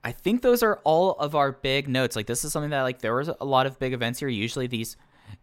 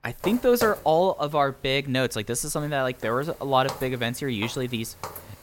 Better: first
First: none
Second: footsteps; noticeable; peak 8 dB below the speech

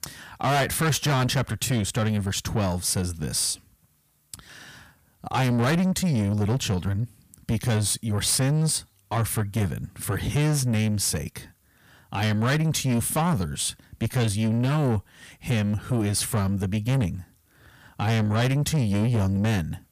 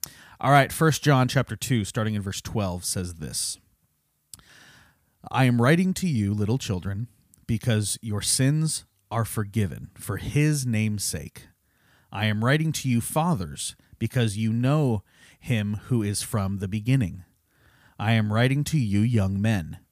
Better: second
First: distortion; heavy; 7 dB below the speech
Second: none

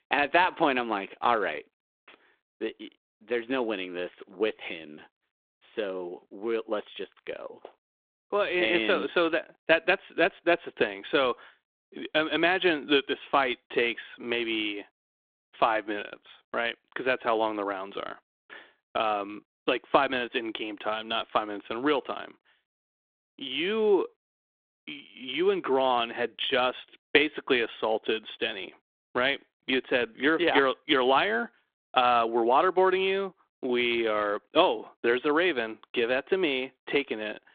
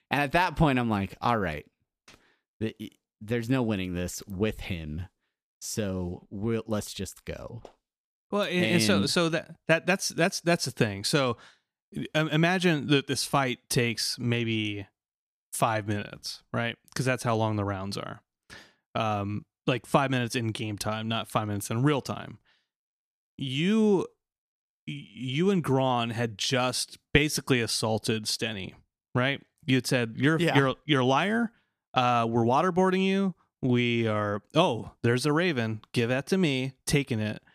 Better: second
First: phone-call audio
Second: none

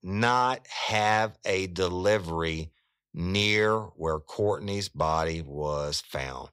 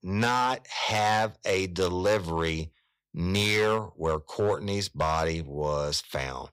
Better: first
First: none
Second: distortion; slight; 5% of the sound clipped

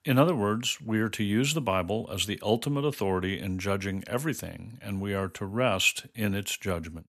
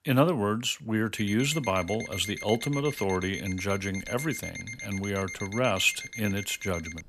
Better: first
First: none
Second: alarm; noticeable; from 1 s on; peak 9 dB below the speech

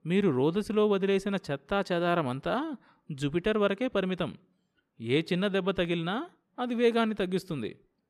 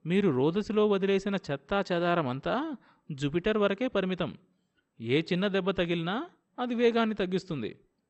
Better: first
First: none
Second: garbled, watery; slightly

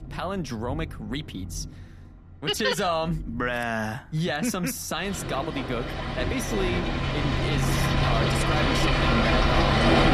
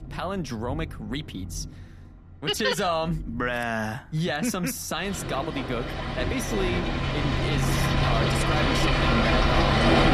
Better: neither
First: rain or running water; very loud; throughout; 5 dB above the speech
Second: rain or running water; very loud; throughout; 5 dB above the speech

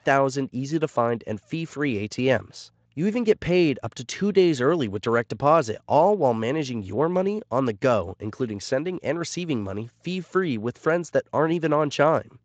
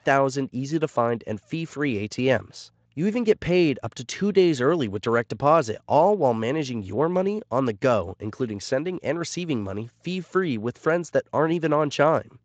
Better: neither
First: garbled, watery; slightly; nothing above 7.5 kHz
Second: garbled, watery; slightly; nothing above 7.5 kHz

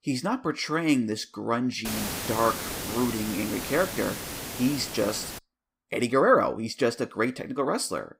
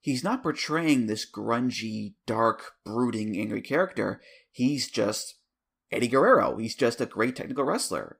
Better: second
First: hiss; loud; from 2 to 5.5 s; 6 dB below the speech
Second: none

